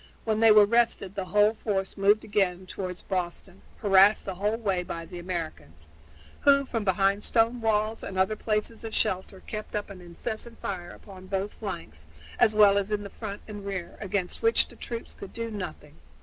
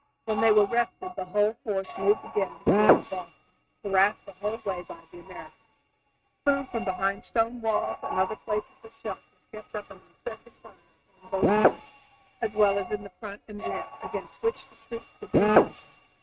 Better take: first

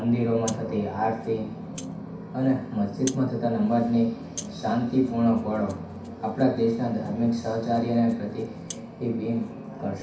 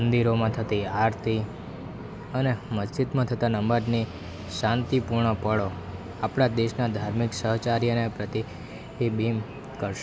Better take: second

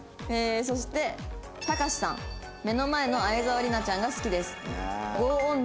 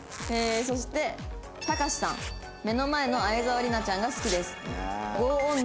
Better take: first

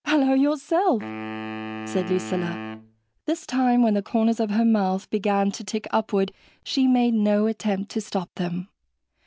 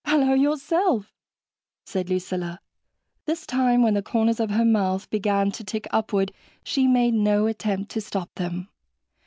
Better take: second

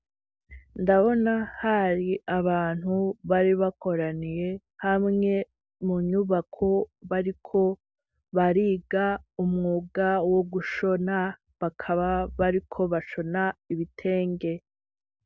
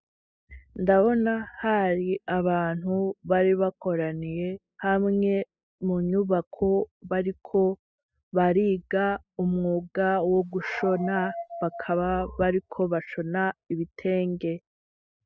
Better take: first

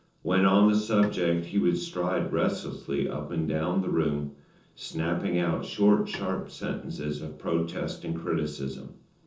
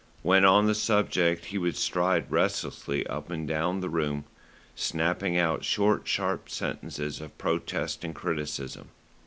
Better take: second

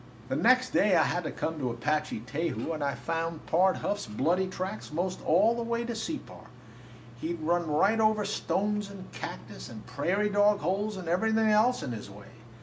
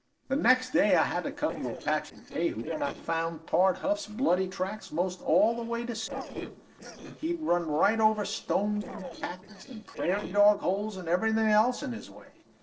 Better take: first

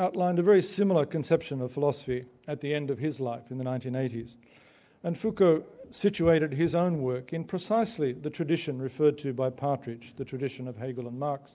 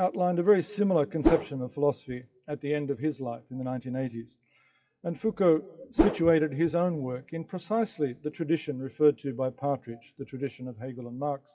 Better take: first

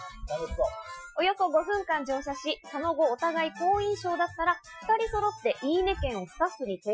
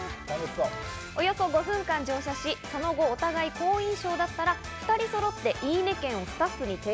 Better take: second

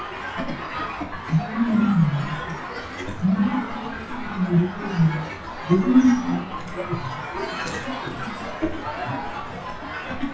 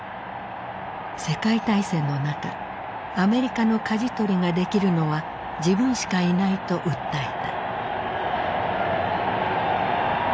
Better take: second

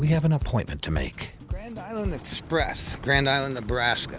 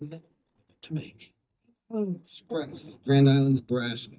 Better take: first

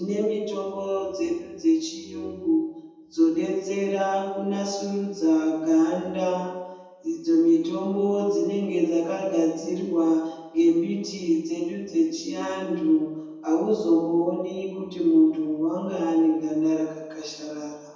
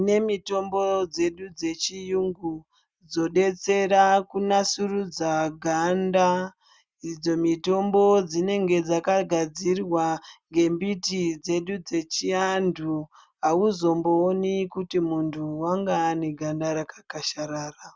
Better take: second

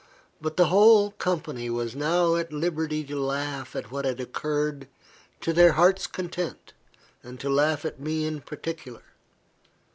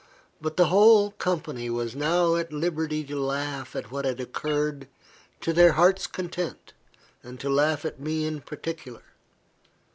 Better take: first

